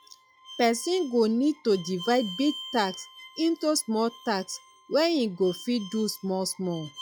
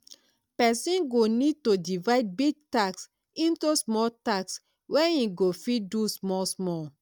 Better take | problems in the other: second | noise reduction (classical method log-MMSE)

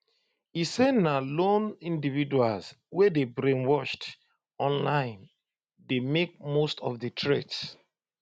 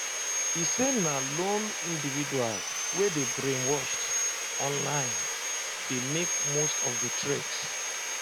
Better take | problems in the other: first | background sound (Sawing); 2 dB above the speech

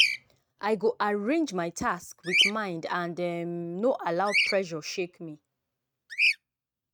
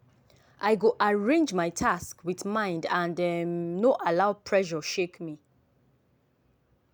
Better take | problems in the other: second | noise reduction (neural mask model RNNoise)

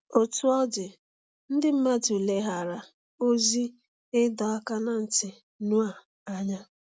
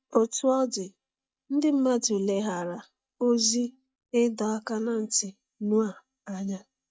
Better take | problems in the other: first | noise reduction (neural mask model DeepFilterNet 3)

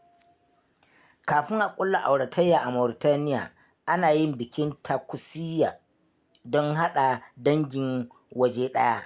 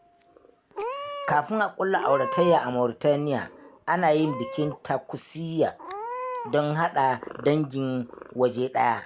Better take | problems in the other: first | background sound (Meow / Purr); 11 dB below the speech

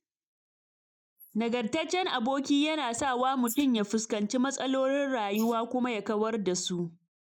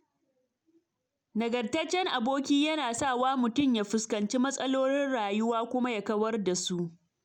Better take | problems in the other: second | noise reduction (neural mask model Resemble Enhance denoiser)

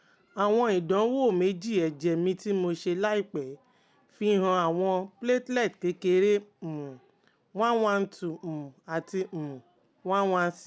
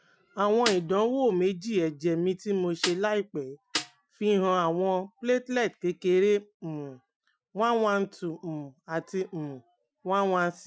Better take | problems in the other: first | noise reduction (classical method Wiener filter)

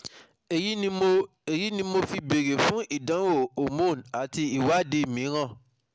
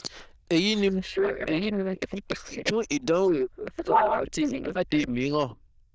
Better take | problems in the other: first | noise reduction (neural diffusion model UNIVERSE++)

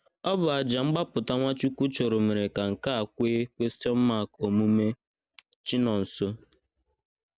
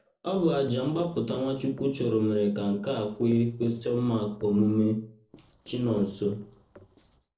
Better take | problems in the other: first | noise reduction (neural separator model SepFormer DNS4)

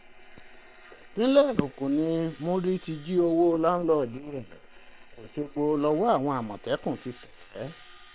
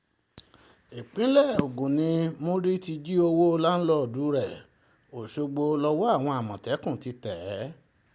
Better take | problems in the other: second | noise reduction (neural separator model SepFormer WHAM!)

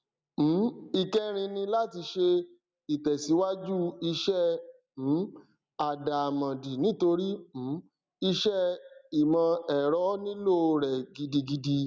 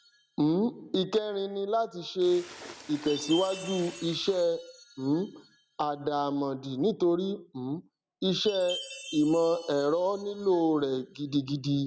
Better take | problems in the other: first | background sound (Chime + Splash, splatter); 17 dB below the speech

